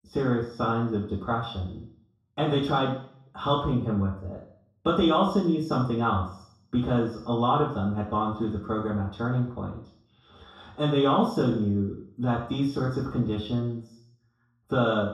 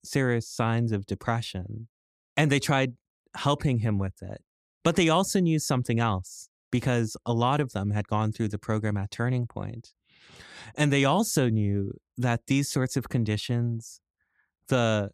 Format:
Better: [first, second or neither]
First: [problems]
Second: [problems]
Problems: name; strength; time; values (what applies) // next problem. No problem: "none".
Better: second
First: room echo; noticeable; dies away in 0.6 s // off-mic speech; far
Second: none